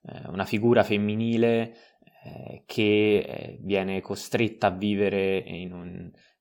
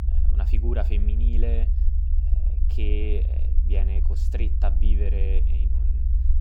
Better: first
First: none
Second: low rumble; loud; throughout; 6 dB below the speech

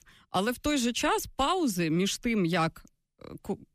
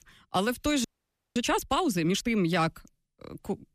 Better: first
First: none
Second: audio freezing; at 1 s for 0.5 s

